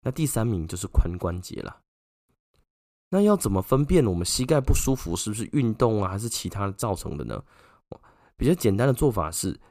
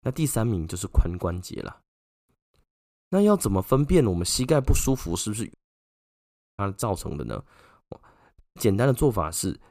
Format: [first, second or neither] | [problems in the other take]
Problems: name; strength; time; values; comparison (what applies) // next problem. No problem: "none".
first | audio cutting out; at 5.5 s for 1 s and at 8.5 s